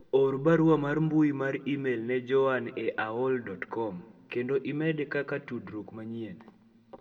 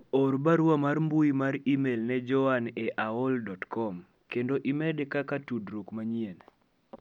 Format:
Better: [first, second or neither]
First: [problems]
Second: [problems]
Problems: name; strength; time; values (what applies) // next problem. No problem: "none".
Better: second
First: room echo; dies away in 0.9 s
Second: none